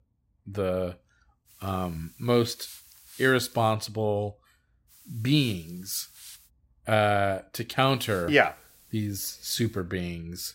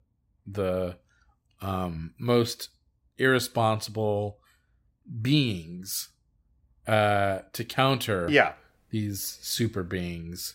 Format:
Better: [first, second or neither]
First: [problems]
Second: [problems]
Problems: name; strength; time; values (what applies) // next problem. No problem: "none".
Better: second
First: hiss; faint; from 1.5 to 3.5 s, from 5 to 6.5 s and from 8 to 10 s; 20 dB below the speech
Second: none